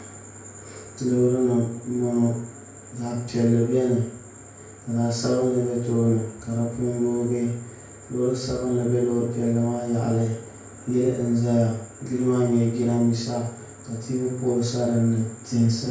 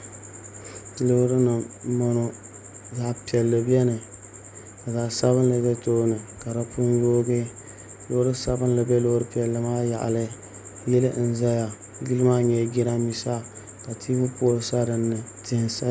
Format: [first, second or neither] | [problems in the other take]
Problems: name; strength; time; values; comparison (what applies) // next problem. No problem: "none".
second | room echo; dies away in 0.5 s